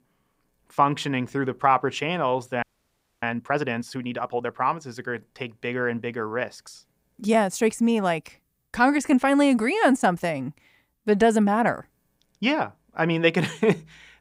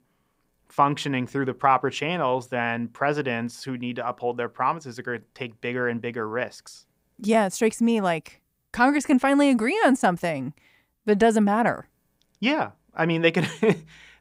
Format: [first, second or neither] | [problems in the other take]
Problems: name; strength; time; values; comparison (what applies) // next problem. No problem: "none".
second | audio freezing; at 2.5 s for 0.5 s